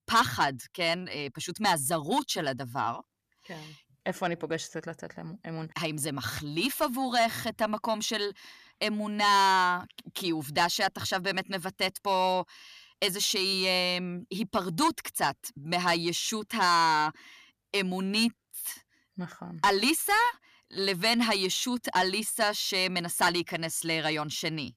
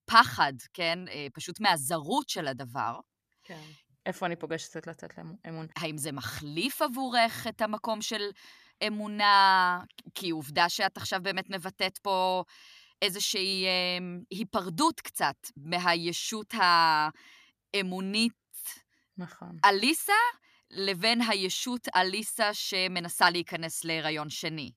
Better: second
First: distortion; slight; 10 dB below the speech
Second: none

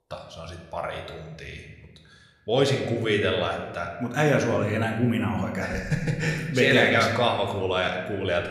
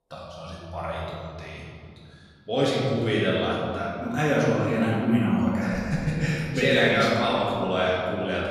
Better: first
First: room echo; slight; dies away in 1.1 s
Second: room echo; strong; dies away in 2.3 s // off-mic speech; far

